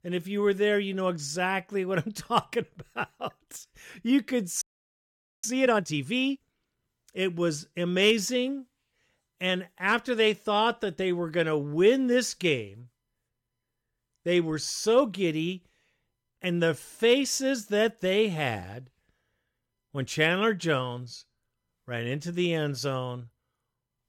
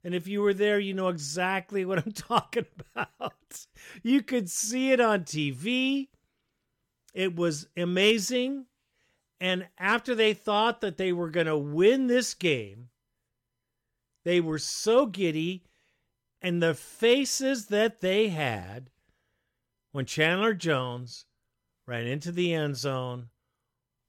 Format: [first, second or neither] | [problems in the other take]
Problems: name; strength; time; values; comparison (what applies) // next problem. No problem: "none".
second | audio freezing; at 4.5 s for 1 s